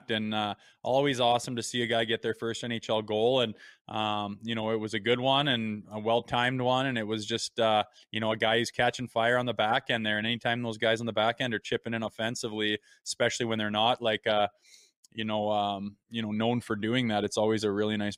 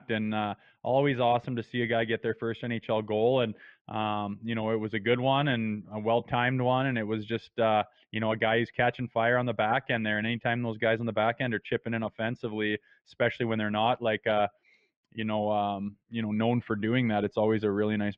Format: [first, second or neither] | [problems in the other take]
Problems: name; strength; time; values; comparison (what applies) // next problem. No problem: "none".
first | muffled; very slightly; fading above 2.5 kHz